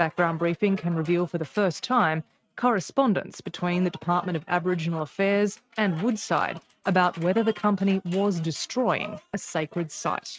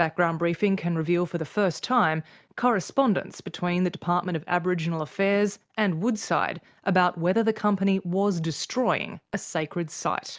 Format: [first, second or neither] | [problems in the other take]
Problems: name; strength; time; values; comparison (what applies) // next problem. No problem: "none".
second | noise reduction (neural mask model RNNoise)